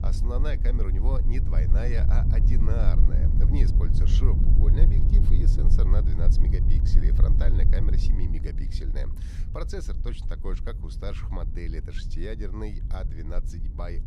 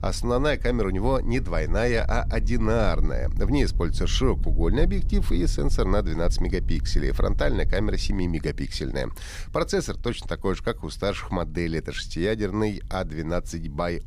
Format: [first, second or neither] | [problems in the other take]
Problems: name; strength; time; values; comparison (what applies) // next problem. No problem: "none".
second | low rumble; loud; throughout; 3 dB below the speech; faint in the second